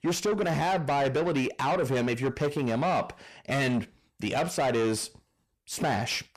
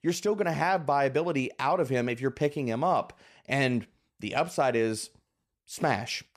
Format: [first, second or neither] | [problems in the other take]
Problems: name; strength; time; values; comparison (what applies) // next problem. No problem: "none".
second | distortion; heavy; 7 dB below the speech